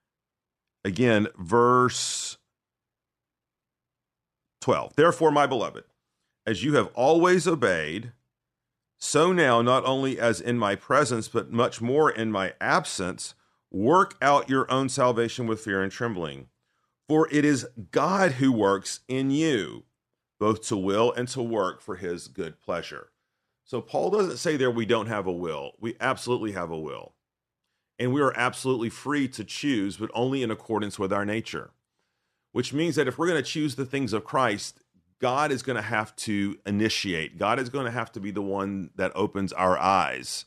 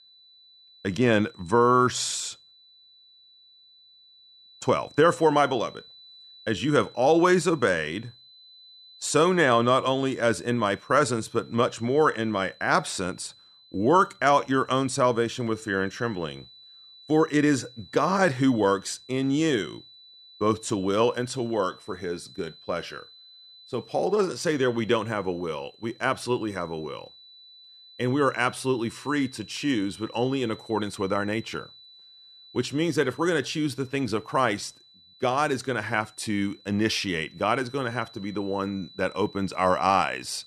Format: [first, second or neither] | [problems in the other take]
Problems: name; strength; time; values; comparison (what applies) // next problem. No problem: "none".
first | high-pitched whine; faint; throughout; 4 kHz, 25 dB below the speech